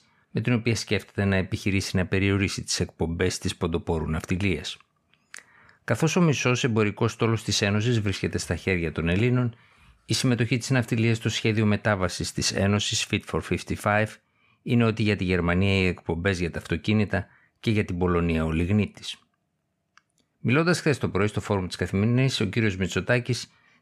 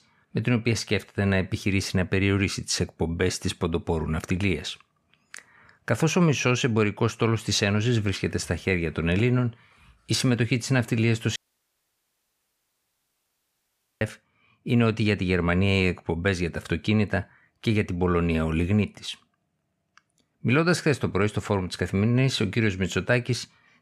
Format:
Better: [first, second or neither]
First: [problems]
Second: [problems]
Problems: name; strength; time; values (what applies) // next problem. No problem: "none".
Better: first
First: none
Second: audio cutting out; at 11 s for 2.5 s